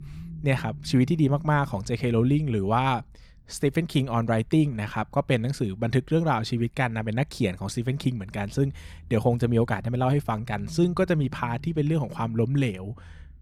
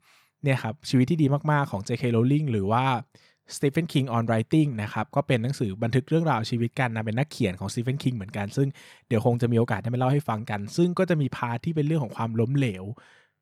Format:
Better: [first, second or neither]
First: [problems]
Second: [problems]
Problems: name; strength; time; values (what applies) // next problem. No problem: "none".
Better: second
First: low rumble; faint; throughout; 25 dB below the speech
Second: none